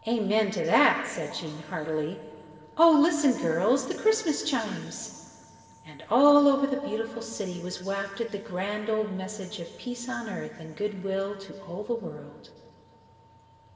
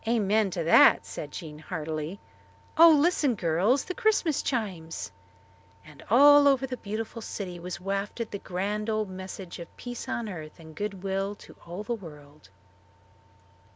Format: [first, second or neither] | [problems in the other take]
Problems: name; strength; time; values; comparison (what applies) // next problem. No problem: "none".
second | room echo; dies away in 2.8 s